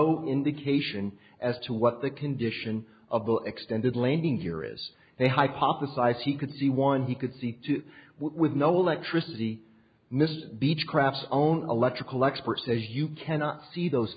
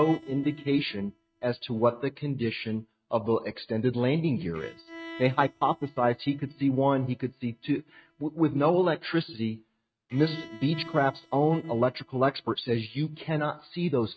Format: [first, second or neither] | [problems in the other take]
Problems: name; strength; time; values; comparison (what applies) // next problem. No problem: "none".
first | noise reduction (neural mask model RNNoise)